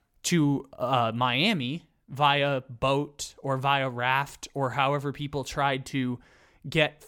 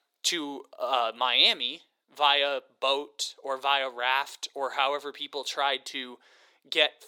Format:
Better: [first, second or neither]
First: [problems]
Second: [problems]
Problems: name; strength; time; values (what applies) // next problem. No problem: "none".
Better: first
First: none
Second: thin; very; fading below 400 Hz